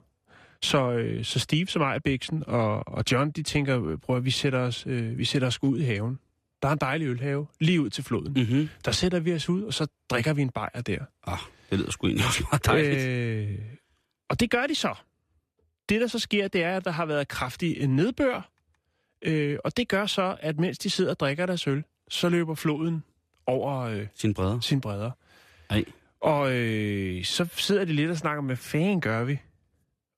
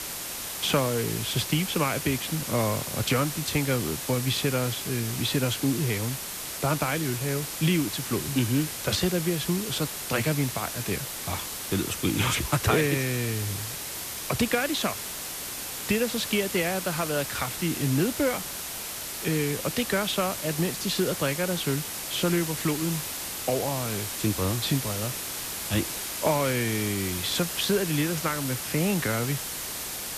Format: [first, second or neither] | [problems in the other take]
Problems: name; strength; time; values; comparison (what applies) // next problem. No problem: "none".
first | hiss; loud; throughout; 4 dB below the speech